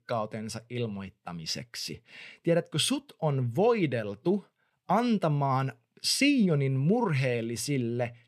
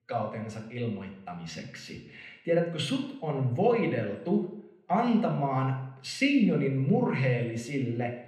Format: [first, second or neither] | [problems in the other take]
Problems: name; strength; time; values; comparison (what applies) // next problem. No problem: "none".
first | room echo; noticeable; dies away in 0.8 s // off-mic speech; far